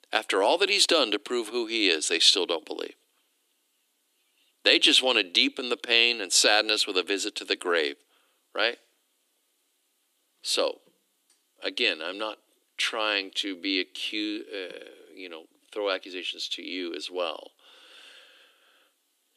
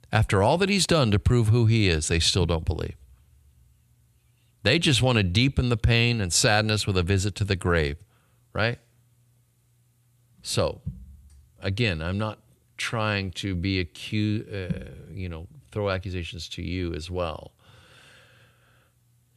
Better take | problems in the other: second | thin; somewhat; fading below 300 Hz

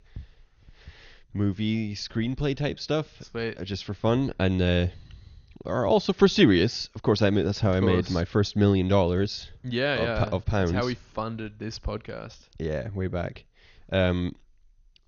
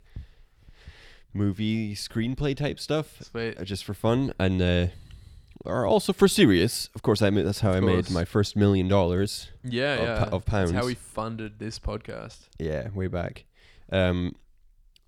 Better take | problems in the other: second | garbled, watery; slightly; nothing above 6.5 kHz

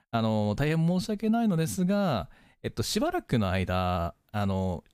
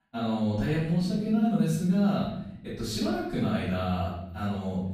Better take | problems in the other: first | off-mic speech; far // room echo; noticeable; dies away in 0.8 s

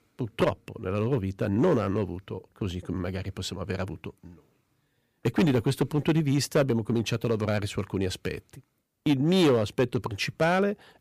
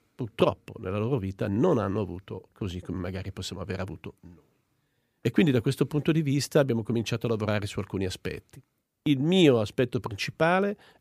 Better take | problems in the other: second | distortion; slight; 3% of the sound clipped

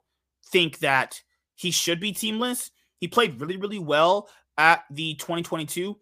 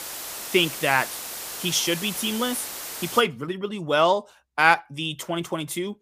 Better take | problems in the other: first | hiss; loud; until 3 s; 8 dB below the speech

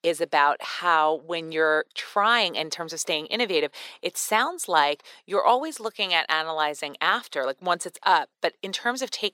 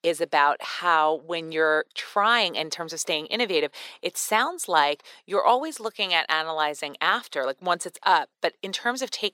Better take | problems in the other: neither | thin; somewhat; fading below 500 Hz; the same in both

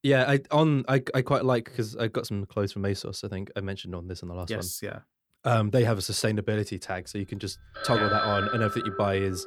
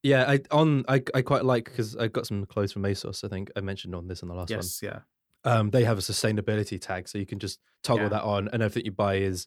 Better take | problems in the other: second | alarms or sirens; loud; from 7 s on; 2 dB below the speech

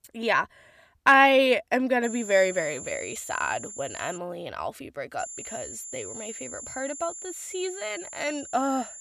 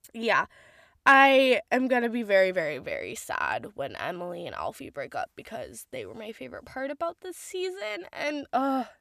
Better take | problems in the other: second | high-pitched whine; noticeable; from 2 to 4 s and from 5 s on; 7 kHz, 10 dB below the speech

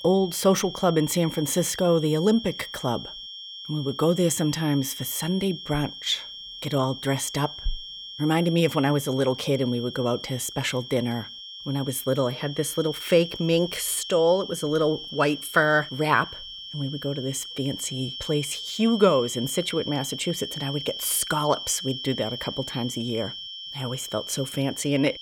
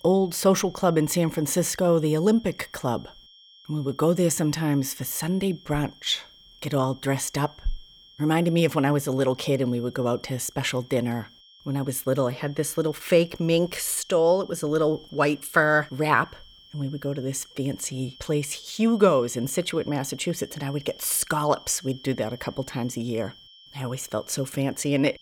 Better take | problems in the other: second | high-pitched whine; loud; throughout; 3 kHz, 10 dB below the speech; faint in the second

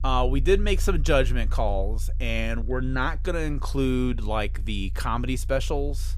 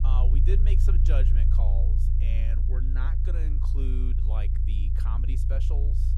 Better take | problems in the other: first | low rumble; loud; throughout; 2 dB below the speech; faint in the first

